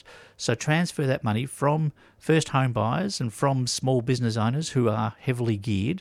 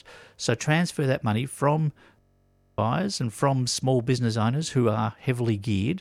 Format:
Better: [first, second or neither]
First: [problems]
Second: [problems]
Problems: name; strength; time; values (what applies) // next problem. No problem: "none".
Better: first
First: none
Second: audio freezing; at 2 s for 0.5 s